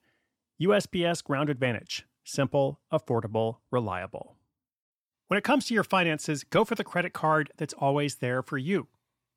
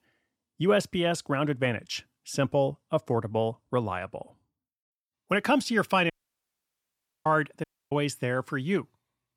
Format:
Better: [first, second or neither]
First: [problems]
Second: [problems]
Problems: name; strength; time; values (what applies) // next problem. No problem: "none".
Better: first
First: none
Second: audio cutting out; at 6 s for 1 s and at 7.5 s